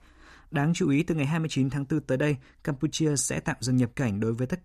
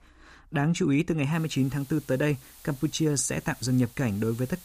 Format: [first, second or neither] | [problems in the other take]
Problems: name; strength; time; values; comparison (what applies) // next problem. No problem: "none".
first | hiss; faint; from 1.5 s on; 20 dB below the speech